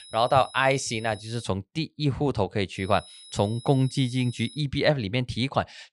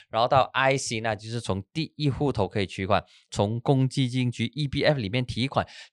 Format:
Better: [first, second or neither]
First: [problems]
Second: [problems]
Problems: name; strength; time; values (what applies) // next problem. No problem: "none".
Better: second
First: high-pitched whine; noticeable; until 1.5 s and from 3 to 4.5 s; 4 kHz, 20 dB below the speech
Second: none